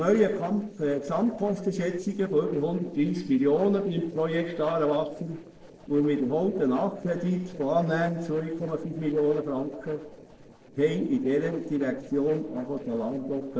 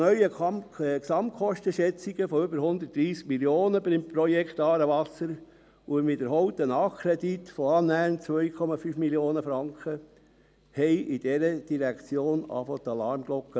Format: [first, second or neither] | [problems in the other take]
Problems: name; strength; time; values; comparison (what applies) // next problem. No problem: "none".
second | noise reduction (neural separator model SepFormer DNS4)